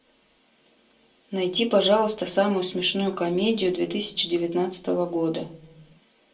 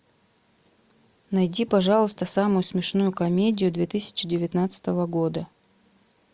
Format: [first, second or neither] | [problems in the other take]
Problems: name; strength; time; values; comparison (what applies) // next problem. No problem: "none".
second | room echo; dies away in 0.2 s